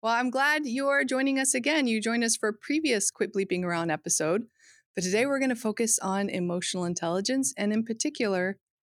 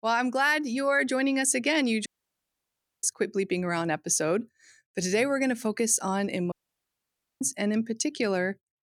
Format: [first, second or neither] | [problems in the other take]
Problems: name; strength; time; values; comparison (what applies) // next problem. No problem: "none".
first | audio cutting out; at 2 s for 1 s and at 6.5 s for 1 s